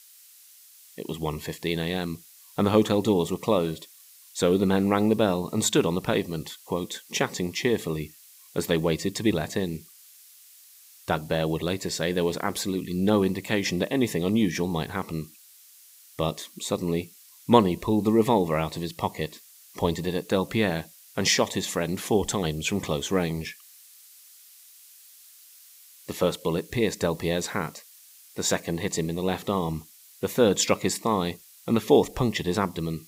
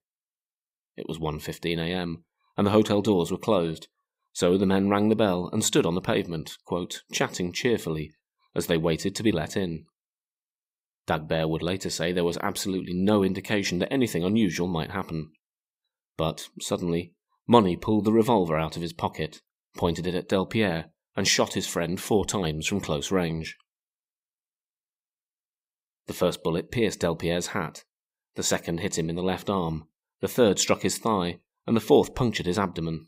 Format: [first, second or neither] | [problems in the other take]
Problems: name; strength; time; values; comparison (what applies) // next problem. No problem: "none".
second | hiss; faint; throughout; 25 dB below the speech